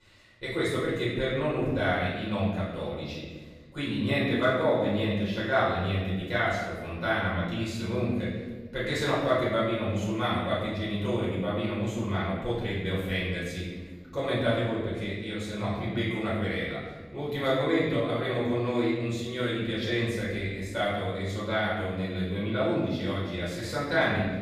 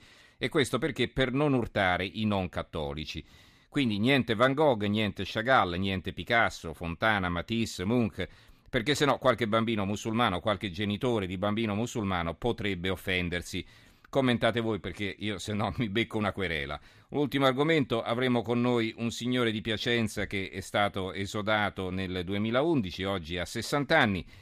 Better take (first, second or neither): second